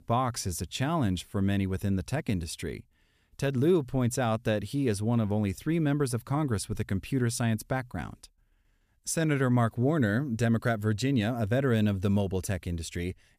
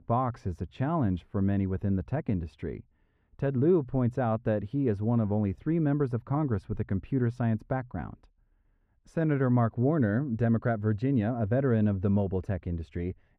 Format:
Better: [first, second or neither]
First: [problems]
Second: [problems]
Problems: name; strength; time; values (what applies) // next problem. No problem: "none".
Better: first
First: none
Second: muffled; very; fading above 3.5 kHz